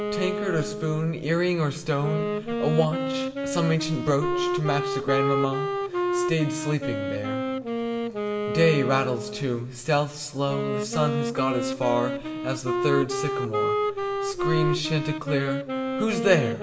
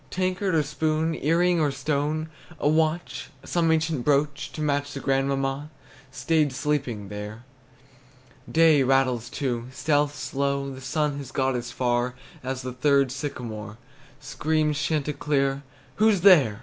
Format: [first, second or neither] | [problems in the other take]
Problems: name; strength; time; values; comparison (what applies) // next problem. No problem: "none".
second | background sound (Wind instrument, woodwind instrument); 2 dB below the speech // room echo; dies away in 1 s